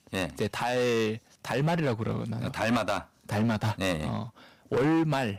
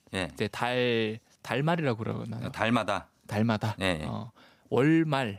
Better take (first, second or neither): second